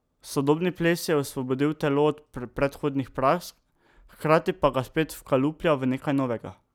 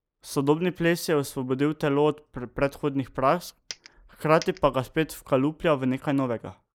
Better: first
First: none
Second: noise reduction (neural mask model Resemble Enhance denoiser)

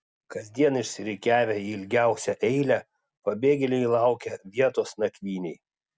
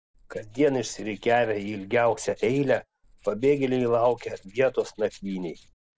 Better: first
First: none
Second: noise reduction (neural separator model SepFormer DNS4)

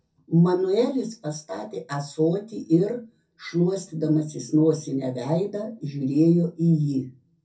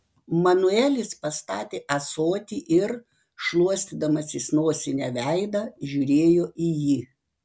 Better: second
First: room echo; dies away in 0.3 s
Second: none

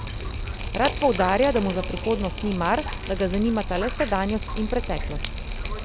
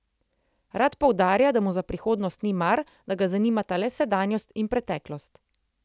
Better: second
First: background sound (Drip); 5 dB below the speech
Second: none

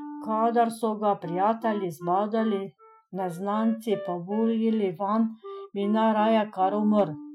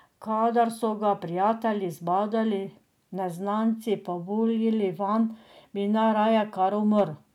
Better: second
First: noise reduction (classical method Wiener filter)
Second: none

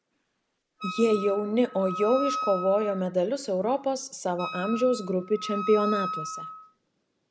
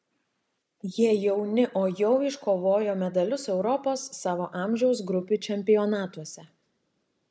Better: second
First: background sound (Wind instrument, woodwind instrument); 8 dB below the speech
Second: none

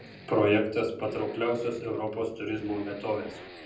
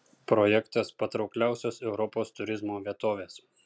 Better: second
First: background sound (Accelerating, revving, vroom); 17 dB below the speech // room echo; dies away in 0.6 s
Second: none

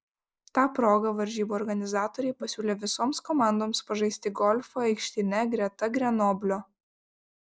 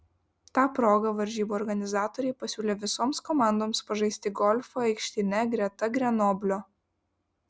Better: second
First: noise reduction (neural mask model Resemble Enhance denoiser)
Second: none

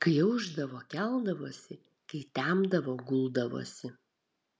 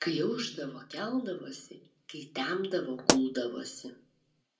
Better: first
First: none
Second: background sound (Explosion); as loud as the speech // room echo; dies away in 0.2 s

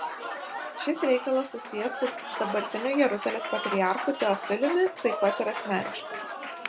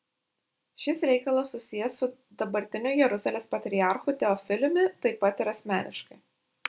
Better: second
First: background sound (Applause / Crowd); 7 dB below the speech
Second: none

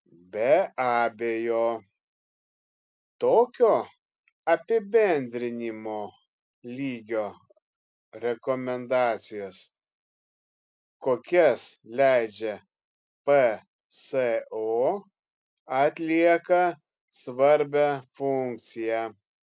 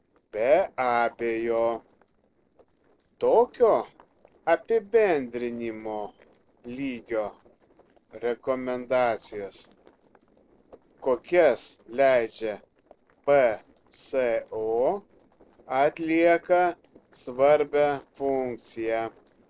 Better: first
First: none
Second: noise reduction (neural separator model SepFormer DNS4)

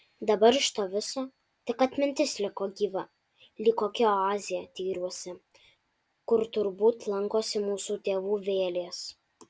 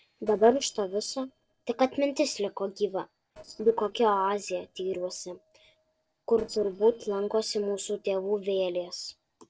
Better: first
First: none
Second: noise reduction (neural separator model SepFormer DNS4)

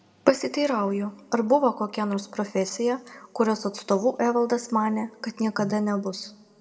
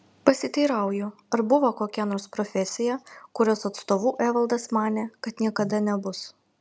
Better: second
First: room echo; dies away in 1.6 s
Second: none

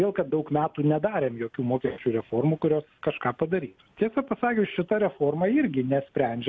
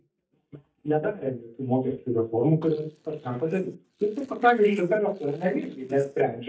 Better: first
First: none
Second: noise reduction (neural mask model DeepFilterNet 3)

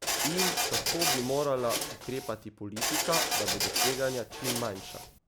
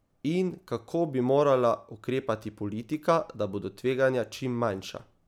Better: second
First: background sound (Printer); 2 dB above the speech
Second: none

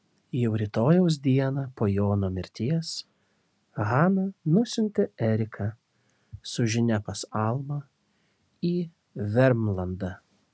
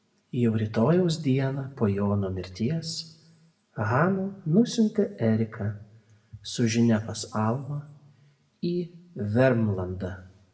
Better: first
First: none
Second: room echo; dies away in 0.6 s

